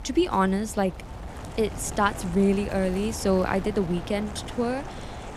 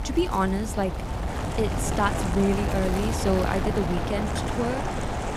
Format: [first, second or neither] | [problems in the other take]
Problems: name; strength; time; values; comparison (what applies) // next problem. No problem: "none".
first | wind noise on the microphone; heavy; 2 dB below the speech; occasional gusts in the first